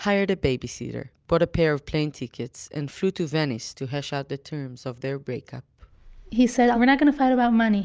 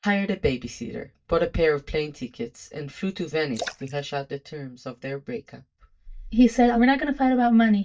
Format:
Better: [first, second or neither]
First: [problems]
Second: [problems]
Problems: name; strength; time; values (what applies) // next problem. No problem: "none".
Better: first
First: none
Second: noise reduction (neural mask model DeepFilterNet 3)